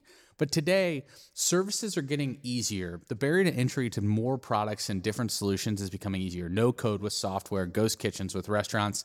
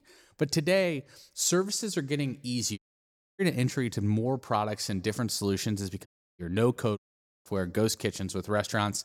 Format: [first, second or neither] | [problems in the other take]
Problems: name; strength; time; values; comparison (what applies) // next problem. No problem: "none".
first | audio cutting out; at 3 s for 0.5 s, at 6 s and at 7 s